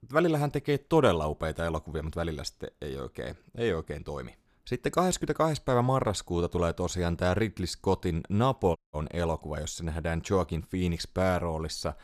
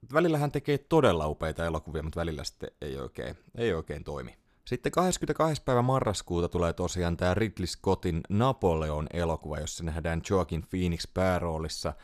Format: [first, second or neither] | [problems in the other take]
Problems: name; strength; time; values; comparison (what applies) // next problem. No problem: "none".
second | audio cutting out; at 9 s